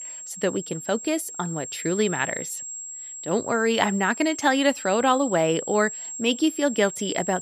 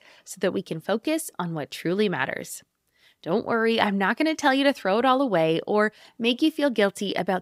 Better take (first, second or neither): second